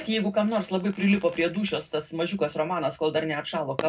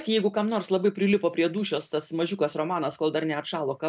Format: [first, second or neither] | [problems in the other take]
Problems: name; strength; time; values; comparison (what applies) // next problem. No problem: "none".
second | background sound (Fireworks); 18 dB below the speech // room echo; dies away in 0.3 s